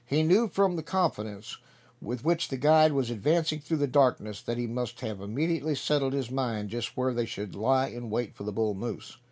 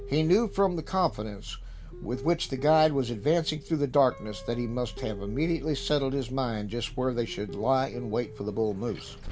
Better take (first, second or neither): first